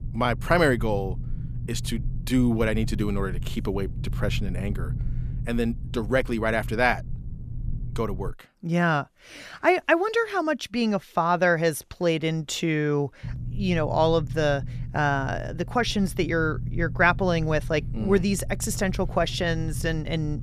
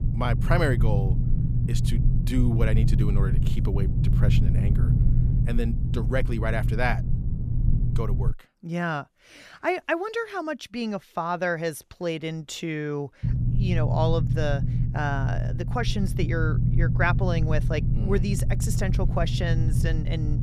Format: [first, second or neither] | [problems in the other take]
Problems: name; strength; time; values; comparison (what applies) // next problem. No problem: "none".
first | low rumble; loud; until 8.5 s and from 13 s on; 8 dB below the speech; faint in the first